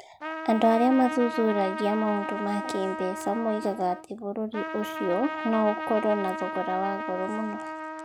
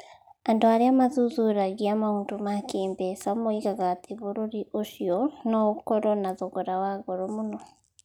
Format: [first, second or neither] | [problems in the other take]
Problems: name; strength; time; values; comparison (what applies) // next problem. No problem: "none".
second | background sound (Trumpet); 7 dB below the speech